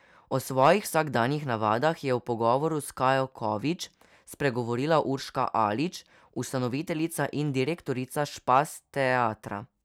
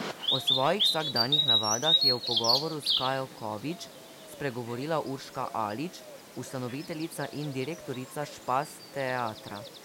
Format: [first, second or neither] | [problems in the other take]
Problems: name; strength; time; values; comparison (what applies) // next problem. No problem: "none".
first | background sound (Bird vocalization, bird call, bird song); 1 dB above the speech